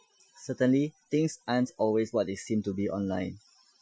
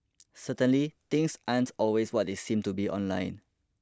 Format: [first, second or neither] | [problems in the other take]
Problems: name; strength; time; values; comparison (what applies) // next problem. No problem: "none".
second | noise reduction (classical method Wiener filter)